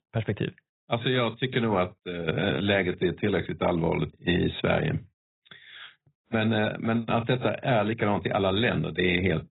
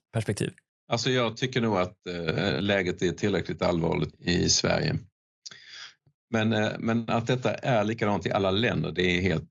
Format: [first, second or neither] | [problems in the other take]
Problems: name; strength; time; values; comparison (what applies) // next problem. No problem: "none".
second | garbled, watery; badly; nothing above 4 kHz; slightly in the second